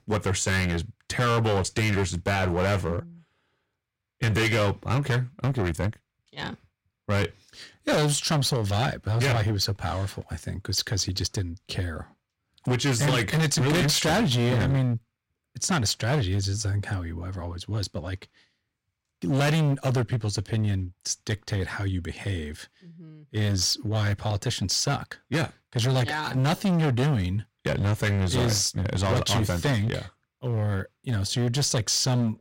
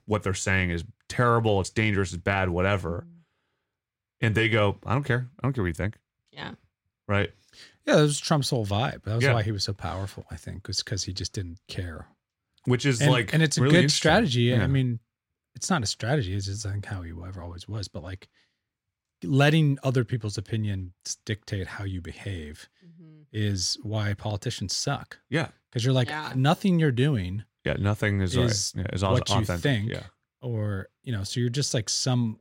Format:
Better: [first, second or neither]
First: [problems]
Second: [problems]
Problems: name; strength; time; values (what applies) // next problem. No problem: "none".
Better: second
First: distortion; heavy; 15% of the sound clipped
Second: none